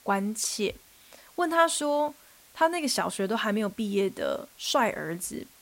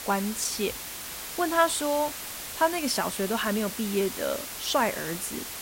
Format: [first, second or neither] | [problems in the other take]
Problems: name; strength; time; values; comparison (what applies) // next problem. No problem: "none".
first | hiss; loud; throughout; 7 dB below the speech; faint in the first